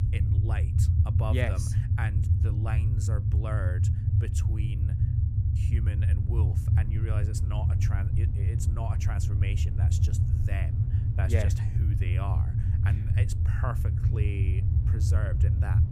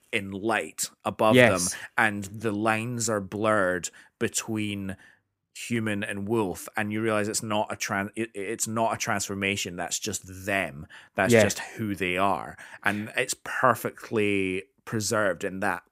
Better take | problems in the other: second | low rumble; loud; throughout; as loud as the speech

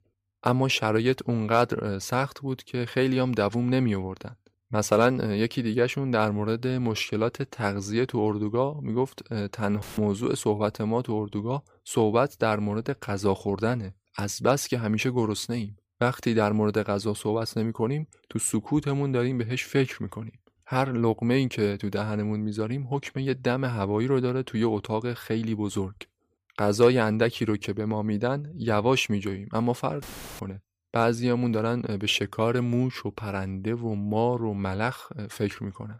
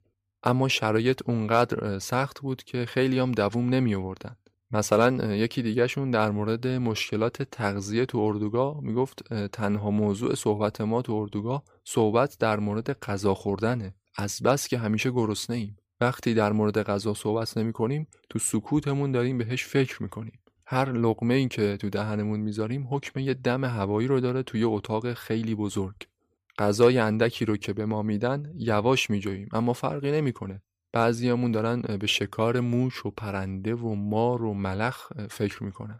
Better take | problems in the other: second | audio cutting out; filled with static; at 10 s and at 30 s

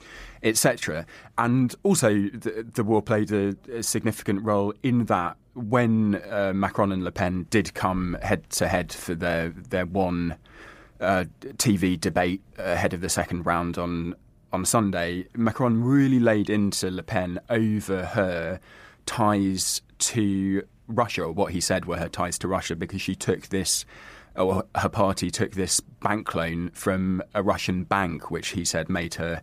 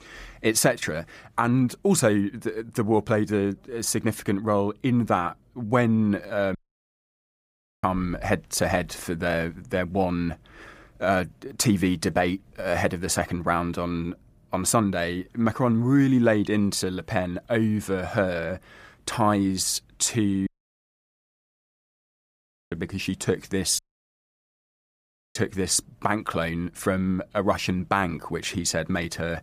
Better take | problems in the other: first | audio cutting out; at 6.5 s for 1.5 s, at 20 s for 2.5 s and at 24 s for 1.5 s

